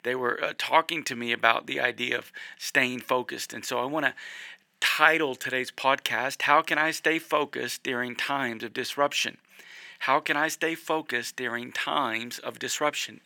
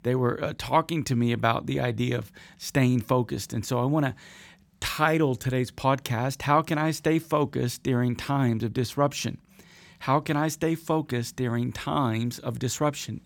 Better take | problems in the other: second | thin; somewhat; fading below 450 Hz

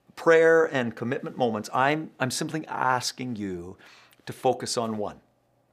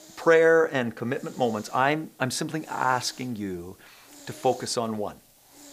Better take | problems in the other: first | hiss; faint; throughout; 25 dB below the speech

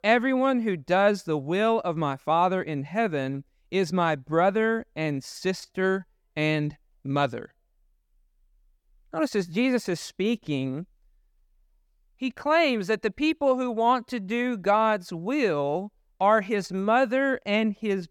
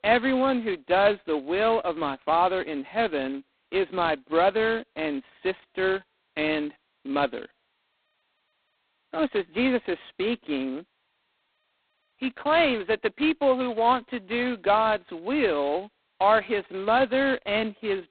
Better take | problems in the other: first | phone-call audio; poor line; nothing above 4 kHz

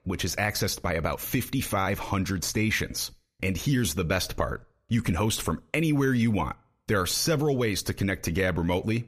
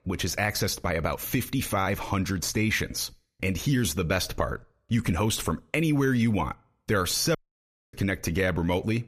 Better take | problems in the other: first | audio cutting out; at 7.5 s for 0.5 s

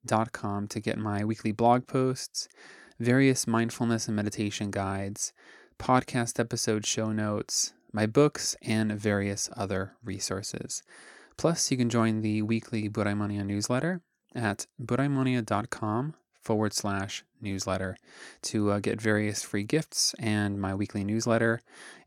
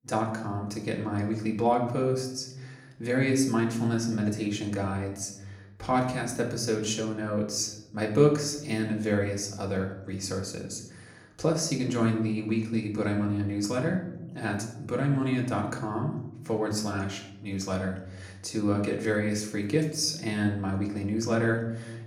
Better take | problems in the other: first | room echo; slight; dies away in 0.9 s // off-mic speech; far

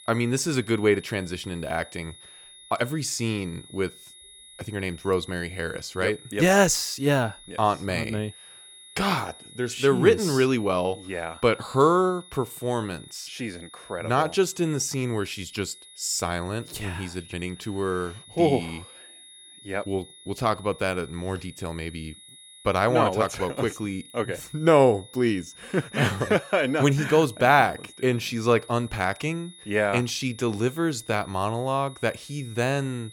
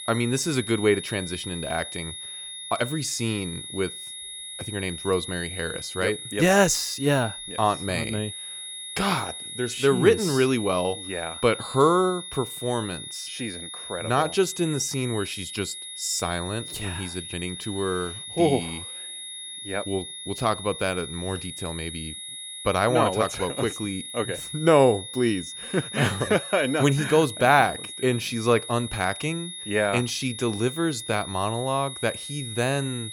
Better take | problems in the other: first | high-pitched whine; loud; throughout; 3.5 kHz, 9 dB below the speech; faint in the first

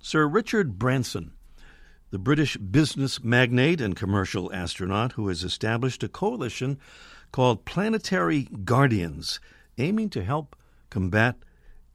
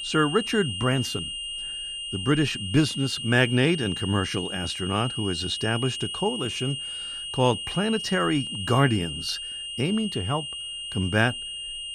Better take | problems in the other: first | high-pitched whine; loud; throughout; 3 kHz, 5 dB below the speech

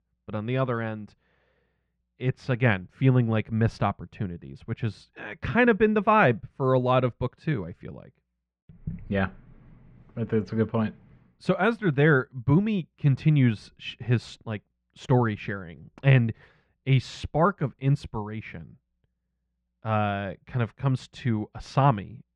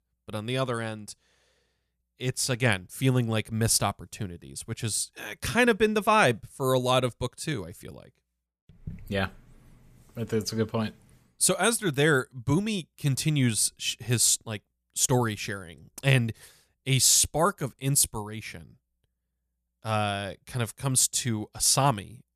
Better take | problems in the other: second | muffled; very; fading above 2.5 kHz

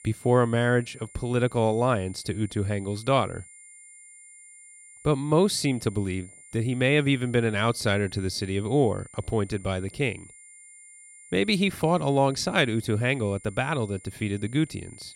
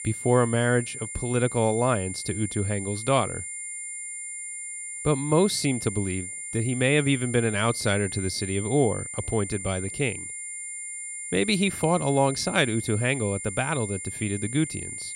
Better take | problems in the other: first | high-pitched whine; loud; throughout; 9 kHz, 7 dB below the speech; faint in the first

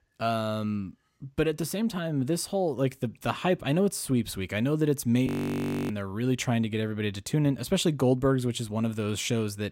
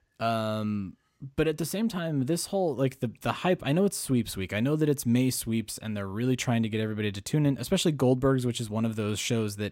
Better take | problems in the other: second | audio freezing; at 5.5 s for 0.5 s

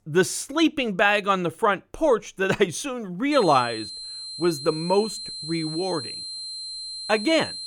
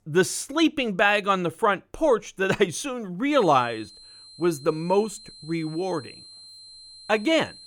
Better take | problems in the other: second | high-pitched whine; loud; from 3.5 s on; 4 kHz, 9 dB below the speech; faint in the second

